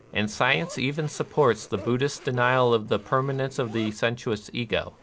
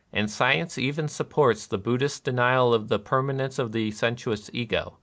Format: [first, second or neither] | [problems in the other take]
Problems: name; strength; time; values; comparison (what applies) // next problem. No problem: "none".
second | background sound (Zipper (clothing)); 20 dB below the speech